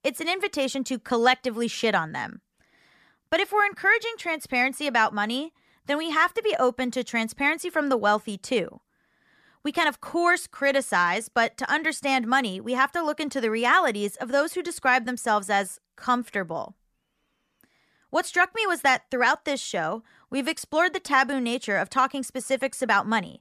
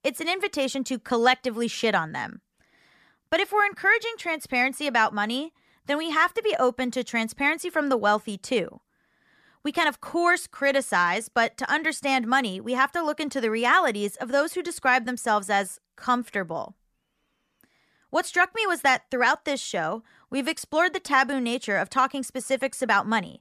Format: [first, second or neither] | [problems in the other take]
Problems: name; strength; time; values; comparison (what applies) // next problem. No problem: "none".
neither | none